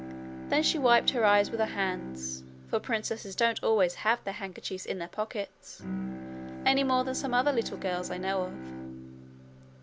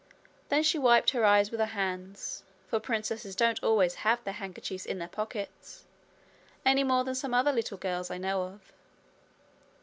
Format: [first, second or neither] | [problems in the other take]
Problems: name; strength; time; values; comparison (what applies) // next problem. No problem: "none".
second | background sound (Bowed string instrument); 11 dB below the speech